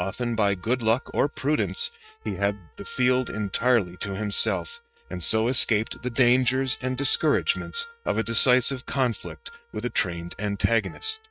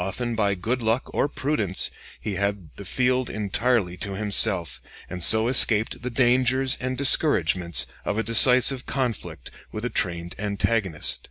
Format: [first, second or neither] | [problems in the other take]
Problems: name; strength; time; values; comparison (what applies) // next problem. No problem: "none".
second | noise reduction (neural mask model RNNoise)